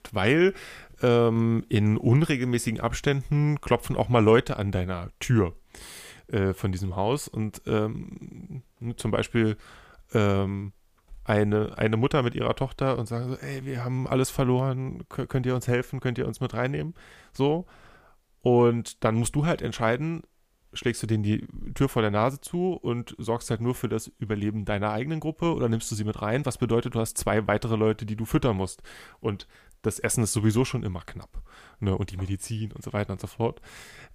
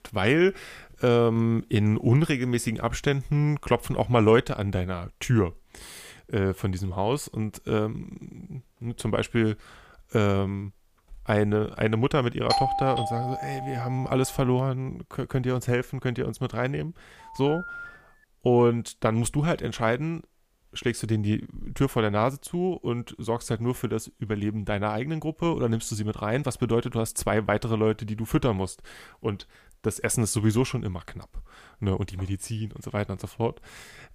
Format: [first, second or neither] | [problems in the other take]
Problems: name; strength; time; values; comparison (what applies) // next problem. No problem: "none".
first | doorbell; loud; from 13 to 14 s; peak 1 dB above the speech // phone ringing; faint; from 17 to 18 s; peak 10 dB below the speech